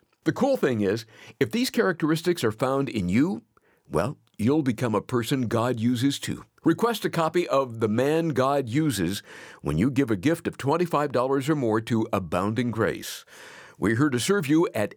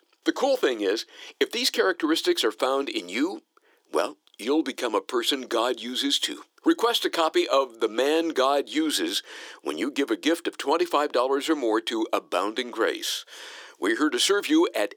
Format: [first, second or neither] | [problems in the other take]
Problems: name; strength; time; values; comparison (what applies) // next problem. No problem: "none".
first | thin; somewhat; fading below 300 Hz